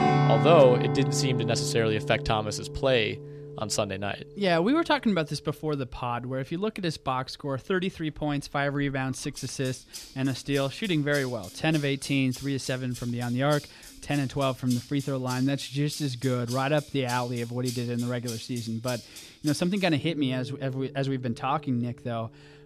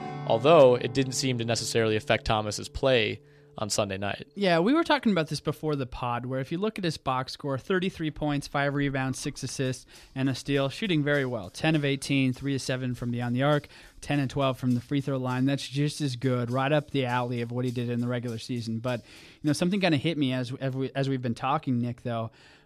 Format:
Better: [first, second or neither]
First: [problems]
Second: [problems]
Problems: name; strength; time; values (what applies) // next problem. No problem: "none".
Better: second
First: background music; loud; throughout; 7 dB below the speech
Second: background music; faint; throughout; 20 dB below the speech